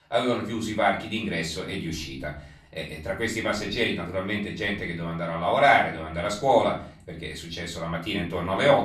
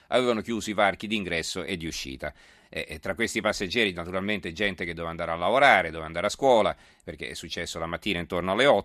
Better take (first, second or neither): second